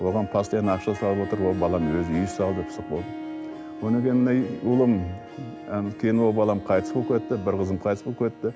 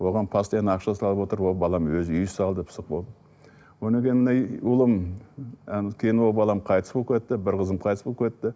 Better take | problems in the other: second | background sound (Harp); 12 dB below the speech

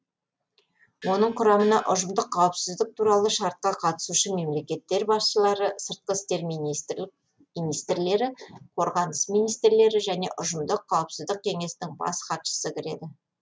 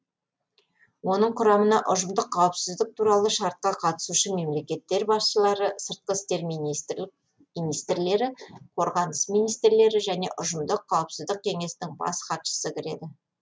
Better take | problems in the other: second | background sound (Gong); 19 dB below the speech

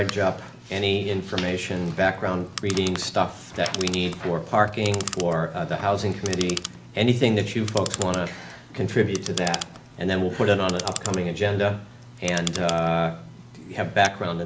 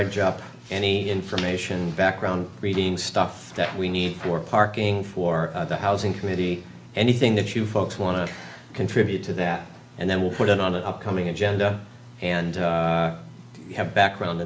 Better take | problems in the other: second | background sound (Clock); 13 dB below the speech

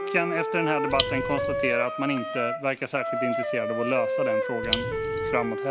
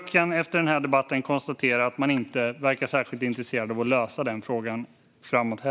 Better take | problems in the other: second | background sound (Raindrop + Wind instrument, woodwind instrument); 1 dB above the speech

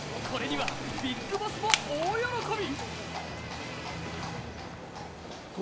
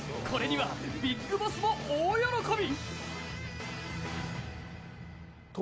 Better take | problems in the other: second | background sound (Crushing + Livestock, farm animals, working animals); 2 dB below the speech

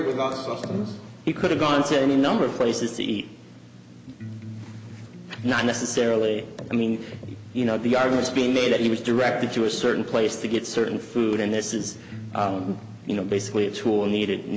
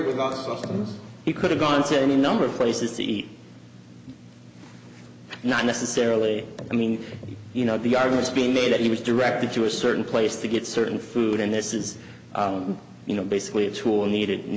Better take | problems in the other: second | background sound (Electric guitar); 14 dB below the speech

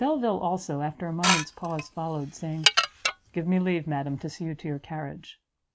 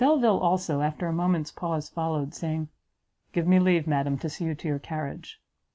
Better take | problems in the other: second | background sound (Dishes, pots, and pans / Glass); 2 dB above the speech

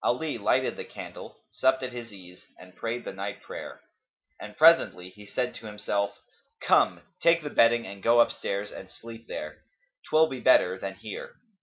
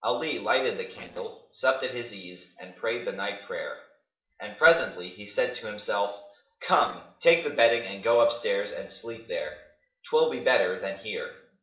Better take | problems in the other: first | noise reduction (neural separator model SepFormer DNS4)

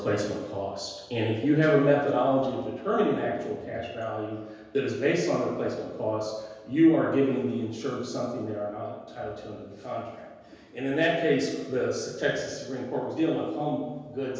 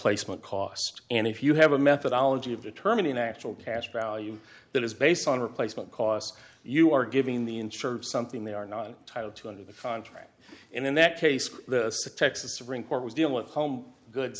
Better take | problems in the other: second | room echo; dies away in 1.2 s

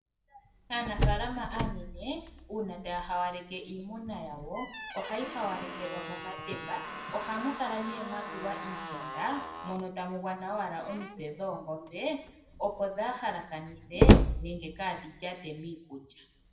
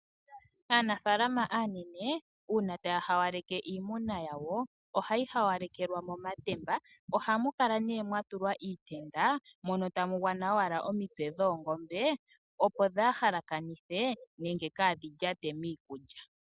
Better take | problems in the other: second | background sound (Slam); 4 dB above the speech // room echo; dies away in 0.7 s

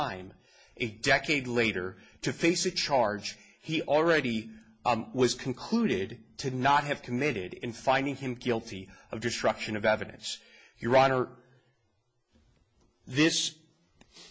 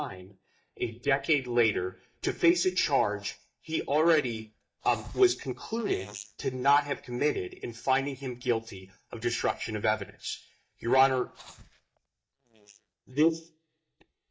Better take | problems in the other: first | noise reduction (neural mask model DeepFilterNet 3)

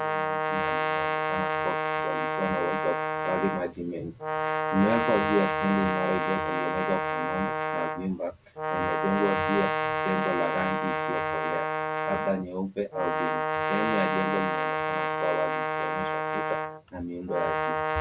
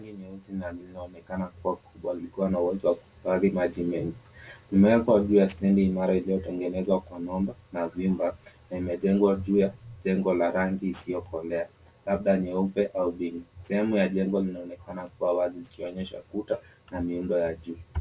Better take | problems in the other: second | background sound (Brass instrument); 3 dB above the speech

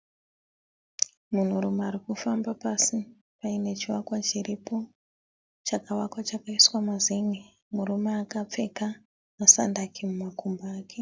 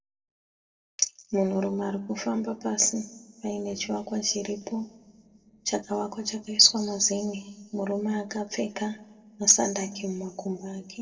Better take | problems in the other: first | noise reduction (neural separator model SepFormer DNS4)

